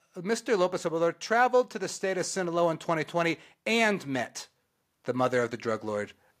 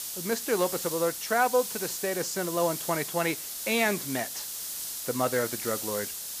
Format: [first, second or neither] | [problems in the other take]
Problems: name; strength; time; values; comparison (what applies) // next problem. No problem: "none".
first | hiss; loud; throughout; 4 dB below the speech